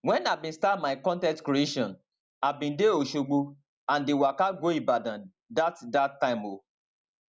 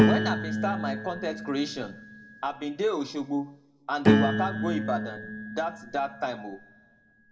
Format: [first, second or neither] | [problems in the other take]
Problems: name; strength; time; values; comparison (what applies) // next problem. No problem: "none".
first | background sound (Piano); 3 dB above the speech // room echo; dies away in 0.7 s